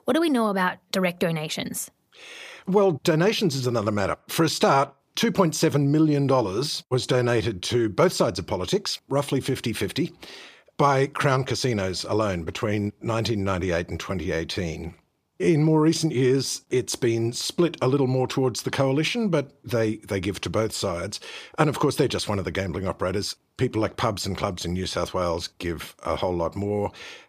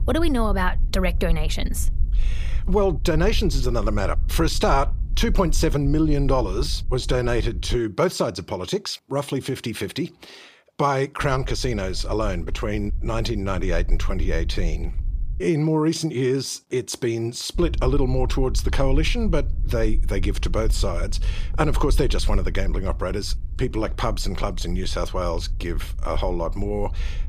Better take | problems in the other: first | low rumble; faint; until 8 s, from 11 to 15 s and from 18 s on; 25 dB below the speech

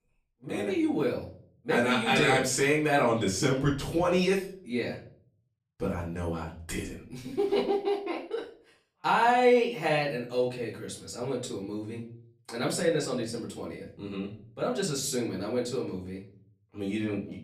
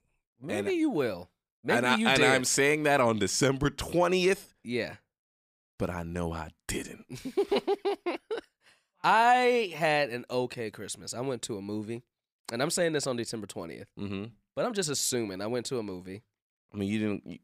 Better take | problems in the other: second | off-mic speech; far // room echo; slight; dies away in 0.5 s

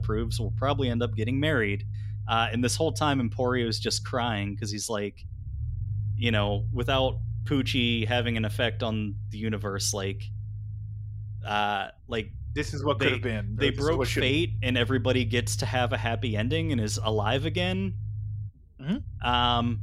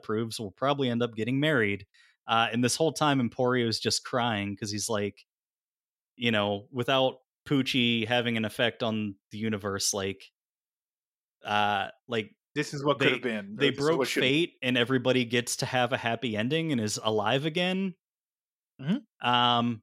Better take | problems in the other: second | low rumble; faint; throughout; 20 dB below the speech

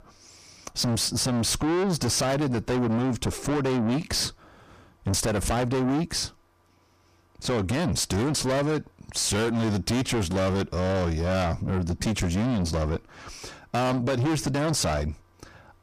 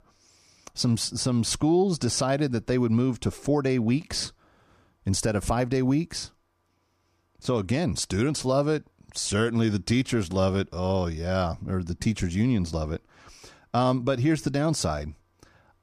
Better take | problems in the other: second | distortion; heavy; 6 dB below the speech

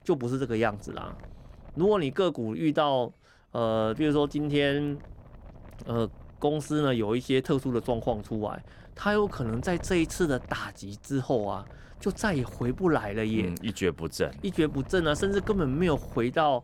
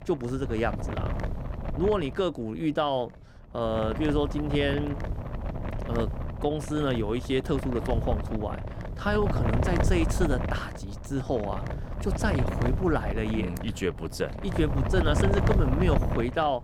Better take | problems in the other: first | wind noise on the microphone; heavy; 6 dB below the speech; occasional gusts in the first

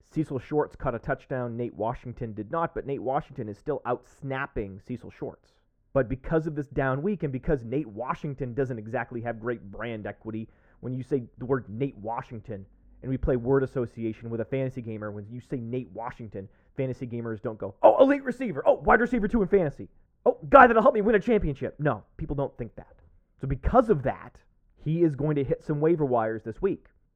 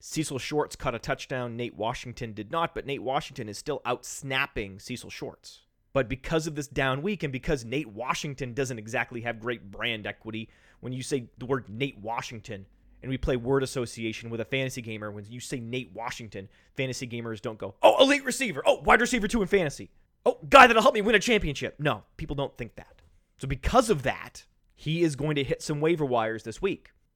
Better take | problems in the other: second | muffled; very; fading above 2 kHz

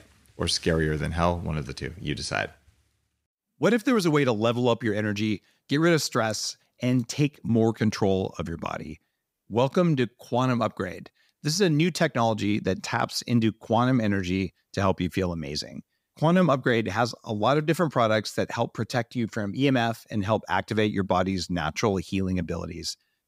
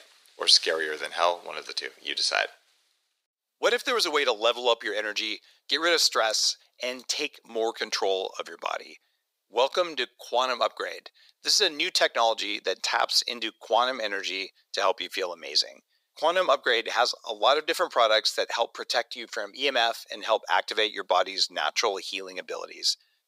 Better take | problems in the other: first | thin; very; fading below 450 Hz

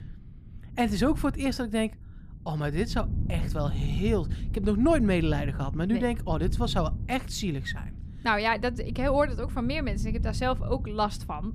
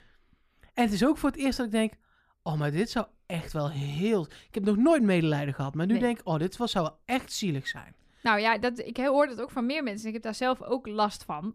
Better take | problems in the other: second | wind noise on the microphone; occasional gusts; 15 dB below the speech

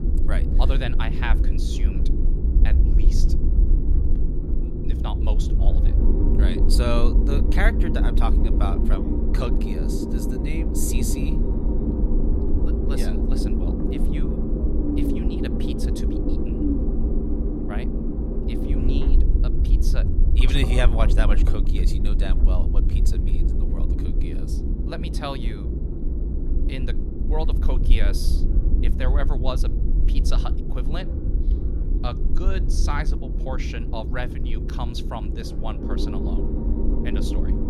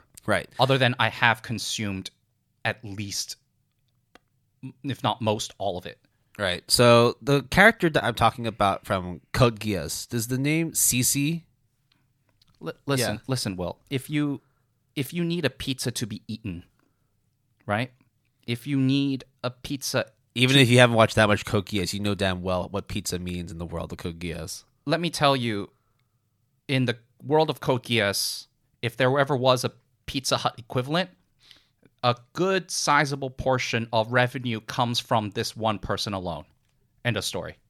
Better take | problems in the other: second | low rumble; loud; throughout; 2 dB below the speech

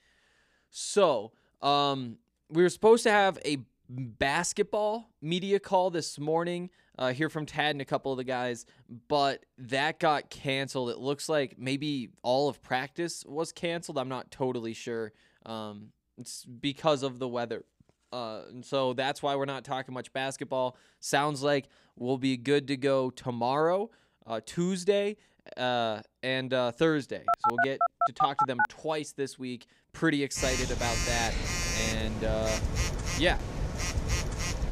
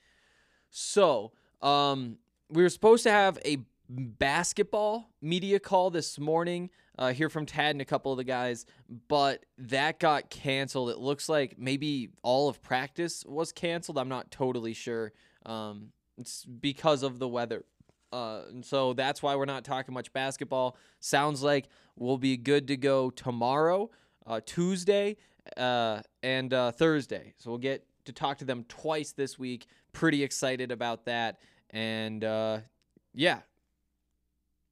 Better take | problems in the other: second | phone ringing; loud; from 27 s on; peak 4 dB above the speech

